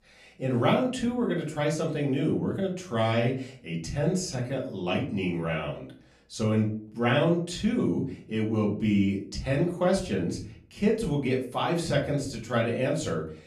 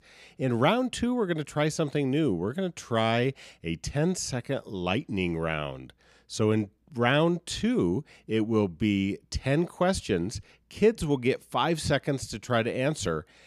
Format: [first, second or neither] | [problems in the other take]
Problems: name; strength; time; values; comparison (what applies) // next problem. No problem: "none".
second | off-mic speech; far // room echo; slight; dies away in 0.4 s